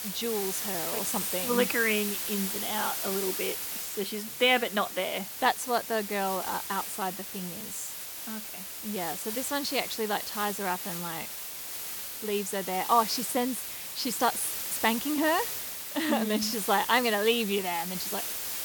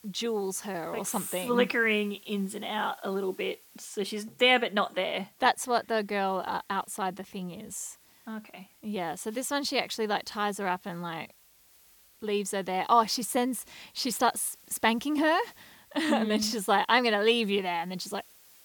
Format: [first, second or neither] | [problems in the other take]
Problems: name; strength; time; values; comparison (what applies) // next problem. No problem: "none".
second | hiss; loud; throughout; 4 dB below the speech; faint in the second